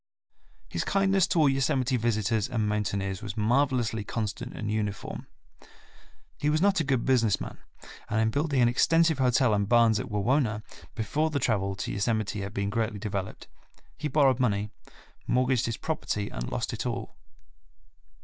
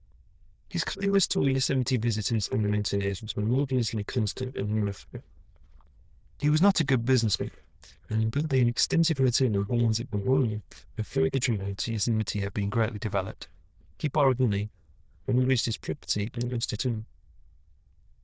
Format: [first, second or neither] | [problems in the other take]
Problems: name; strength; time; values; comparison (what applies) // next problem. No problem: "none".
first | noise reduction (neural diffusion model UNIVERSE++)